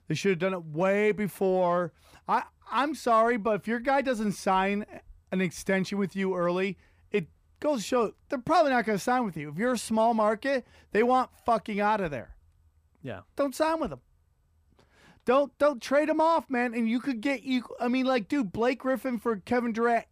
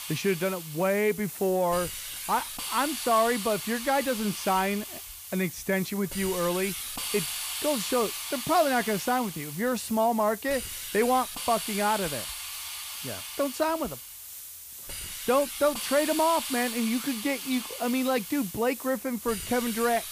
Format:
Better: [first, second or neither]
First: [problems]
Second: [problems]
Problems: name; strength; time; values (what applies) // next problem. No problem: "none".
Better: first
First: none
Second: hiss; loud; throughout; 6 dB below the speech